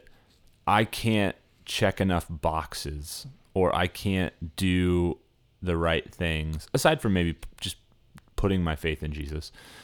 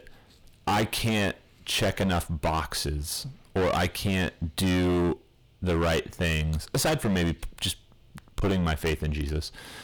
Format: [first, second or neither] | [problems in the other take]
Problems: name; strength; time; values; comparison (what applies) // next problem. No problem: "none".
first | distortion; heavy; 16% of the sound clipped